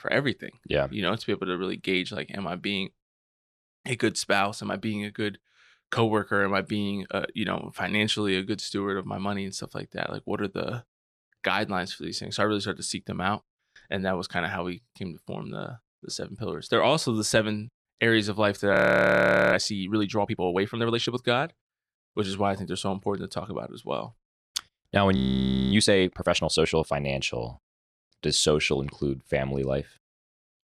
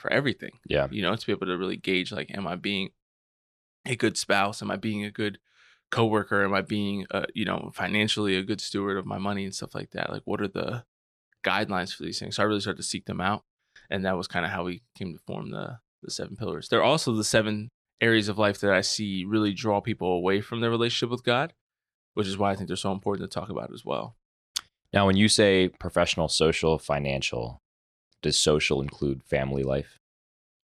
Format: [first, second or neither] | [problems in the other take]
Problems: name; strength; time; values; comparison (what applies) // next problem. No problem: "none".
second | audio freezing; at 19 s for 1 s and at 25 s for 0.5 s